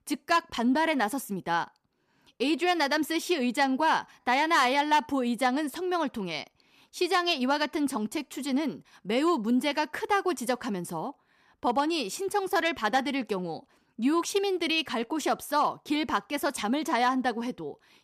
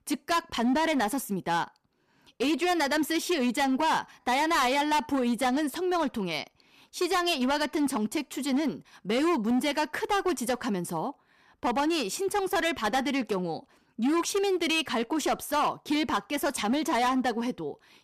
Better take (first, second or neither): first